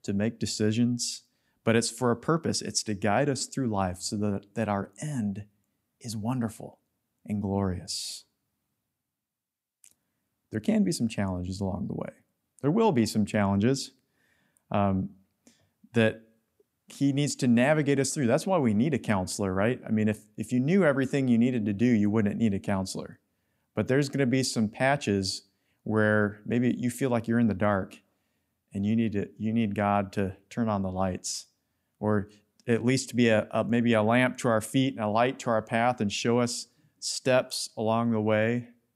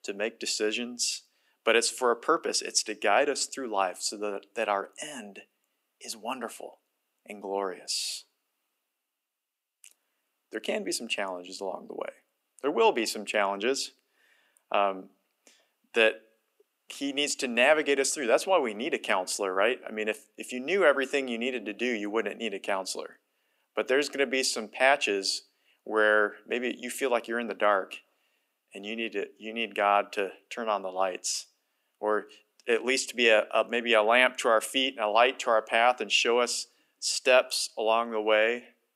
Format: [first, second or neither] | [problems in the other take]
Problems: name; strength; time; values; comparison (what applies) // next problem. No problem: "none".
first | thin; very; fading below 350 Hz